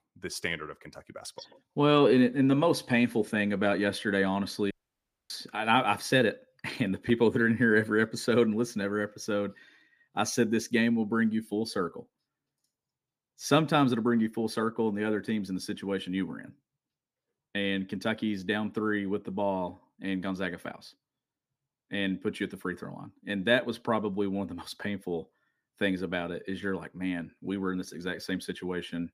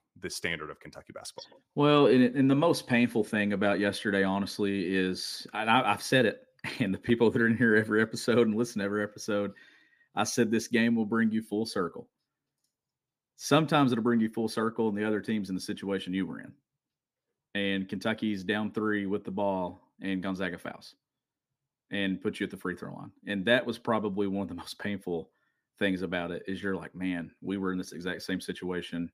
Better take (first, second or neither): second